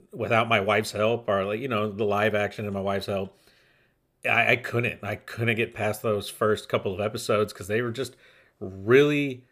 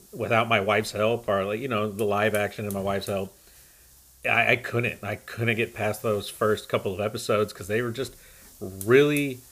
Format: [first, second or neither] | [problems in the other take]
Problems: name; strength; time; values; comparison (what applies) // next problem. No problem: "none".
first | hiss; faint; throughout; 20 dB below the speech